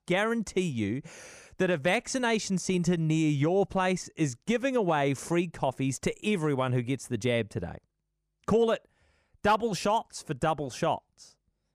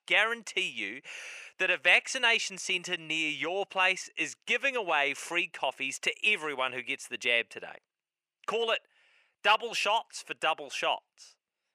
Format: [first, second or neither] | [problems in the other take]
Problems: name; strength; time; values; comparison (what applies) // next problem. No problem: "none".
first | thin; very; fading below 550 Hz